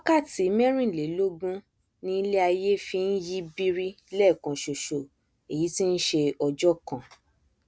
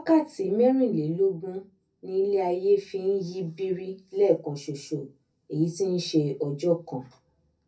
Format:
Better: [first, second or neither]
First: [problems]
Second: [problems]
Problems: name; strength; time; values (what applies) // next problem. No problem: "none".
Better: first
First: none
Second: room echo; dies away in 0.3 s